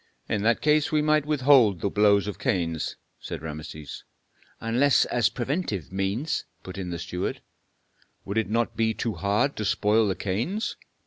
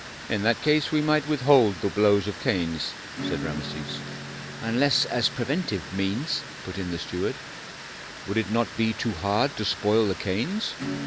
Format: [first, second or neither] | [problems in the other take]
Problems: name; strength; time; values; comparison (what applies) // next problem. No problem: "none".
first | background sound (Acoustic guitar / Strum + Water); 11 dB below the speech